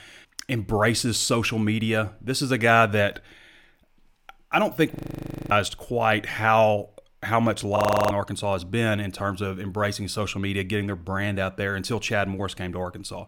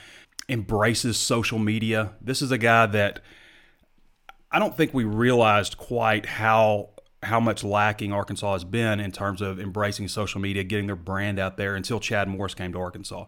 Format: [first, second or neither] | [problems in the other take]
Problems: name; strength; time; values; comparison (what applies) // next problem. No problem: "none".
second | audio freezing; at 5 s for 0.5 s and at 8 s